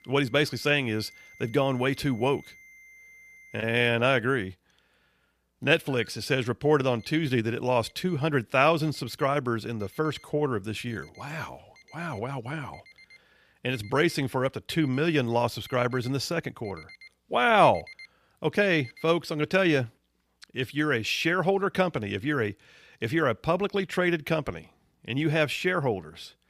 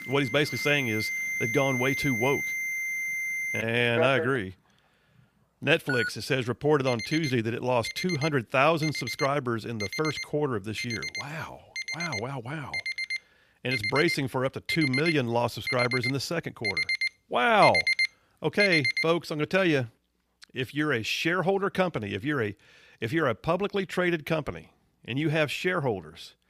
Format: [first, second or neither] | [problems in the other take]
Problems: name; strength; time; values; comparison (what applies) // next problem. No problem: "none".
first | alarms or sirens; loud; until 19 s; 3 dB below the speech; faint in the first